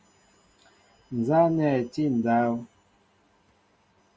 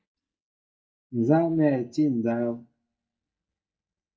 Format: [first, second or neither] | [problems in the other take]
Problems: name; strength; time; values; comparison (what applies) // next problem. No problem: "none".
first | noise reduction (neural mask model DeepFilterNet 3)